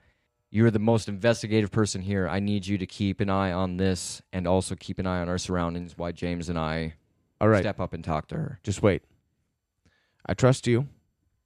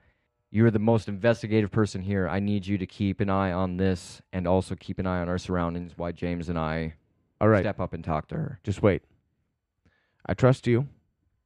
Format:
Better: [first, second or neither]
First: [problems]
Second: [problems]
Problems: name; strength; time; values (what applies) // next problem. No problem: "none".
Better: first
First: none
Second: muffled; slightly; fading above 4 kHz